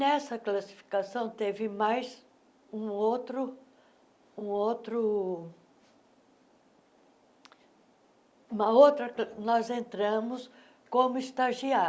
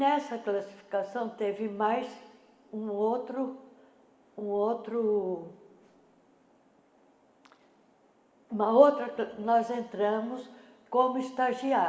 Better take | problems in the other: first | room echo; dies away in 1.5 s

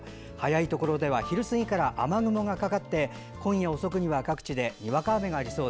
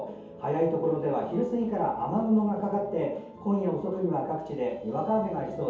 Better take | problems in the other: first | room echo; dies away in 0.7 s

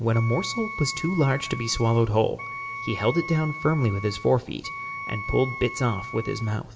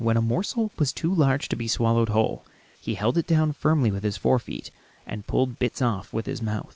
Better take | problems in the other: second | background sound (Wind instrument, woodwind instrument); 11 dB below the speech // room echo; dies away in 1 s

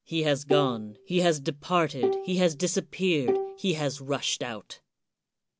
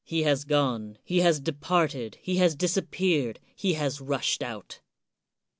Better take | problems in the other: second | background sound (Bowed string instrument); 4 dB below the speech

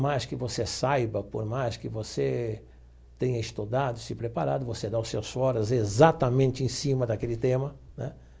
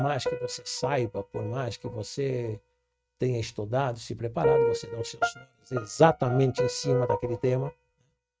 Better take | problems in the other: first | noise reduction (neural mask model RNNoise)

